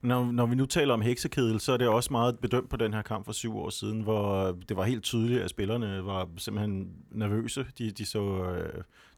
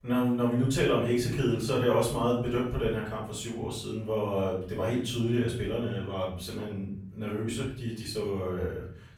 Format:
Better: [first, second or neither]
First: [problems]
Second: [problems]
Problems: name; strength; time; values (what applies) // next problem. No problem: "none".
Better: first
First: none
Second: room echo; noticeable; dies away in 0.5 s // off-mic speech; far